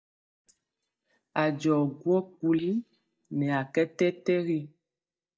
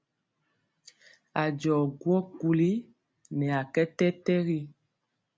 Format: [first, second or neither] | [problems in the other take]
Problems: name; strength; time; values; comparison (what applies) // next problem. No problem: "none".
second | noise reduction (neural mask model DeepFilterNet 3)